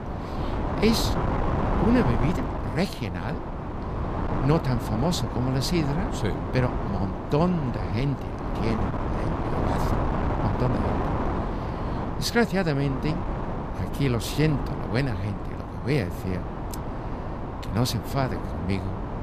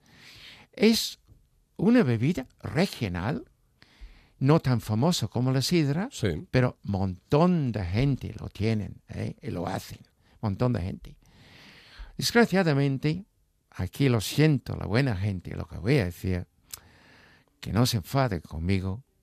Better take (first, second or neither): second